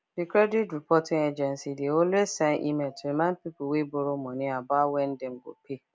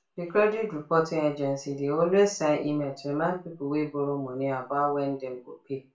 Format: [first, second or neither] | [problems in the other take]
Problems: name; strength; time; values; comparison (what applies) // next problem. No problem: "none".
first | room echo; dies away in 0.3 s